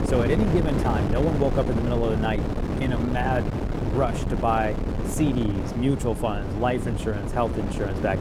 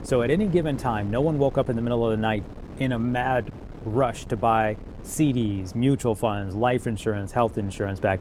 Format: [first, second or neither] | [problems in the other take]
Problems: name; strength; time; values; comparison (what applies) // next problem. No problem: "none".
second | wind noise on the microphone; heavy; 5 dB below the speech; occasional gusts in the second